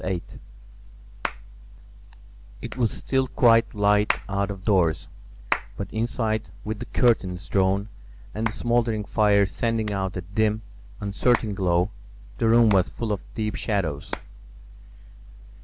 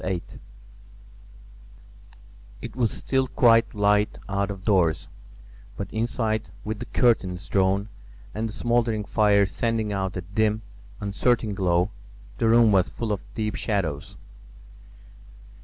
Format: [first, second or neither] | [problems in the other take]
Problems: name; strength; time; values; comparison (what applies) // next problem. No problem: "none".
second | background sound (Hands); 15 dB below the speech